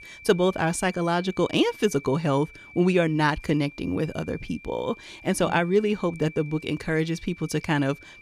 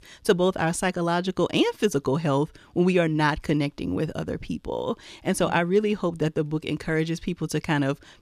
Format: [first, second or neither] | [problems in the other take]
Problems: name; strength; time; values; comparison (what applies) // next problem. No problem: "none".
second | high-pitched whine; noticeable; throughout; 2.5 kHz, 20 dB below the speech